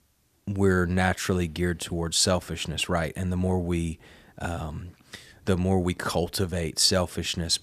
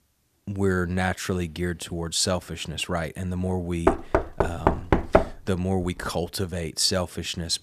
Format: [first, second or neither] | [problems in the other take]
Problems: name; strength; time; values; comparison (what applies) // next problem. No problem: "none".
first | door banging; loud; from 4 to 5 s; peak 6 dB above the speech